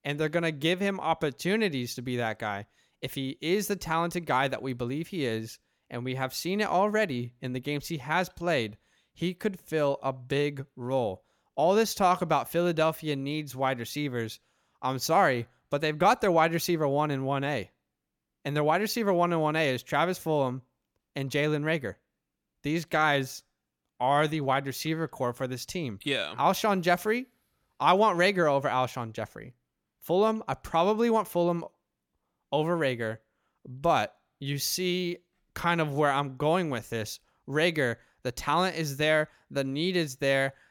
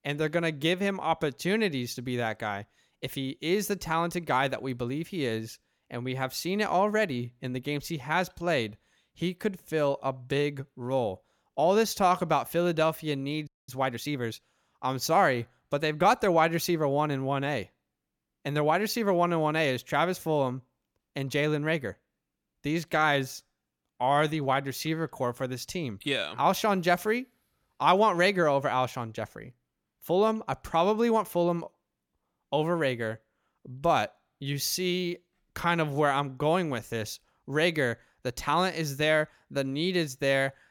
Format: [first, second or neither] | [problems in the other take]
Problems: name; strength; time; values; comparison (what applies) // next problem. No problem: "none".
first | audio freezing; at 13 s